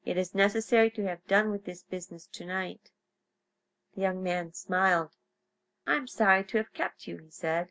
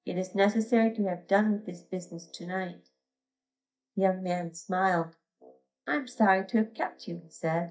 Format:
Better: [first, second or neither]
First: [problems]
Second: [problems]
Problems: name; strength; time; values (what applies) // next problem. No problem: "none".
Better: first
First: none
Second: noise reduction (neural mask model DeepFilterNet 3)